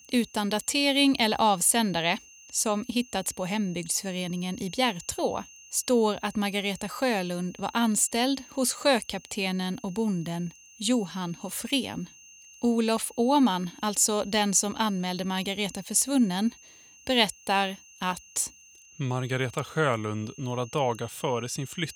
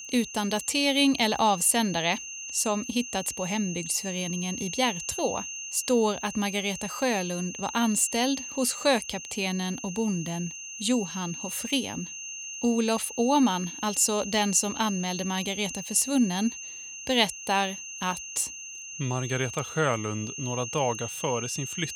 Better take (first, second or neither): first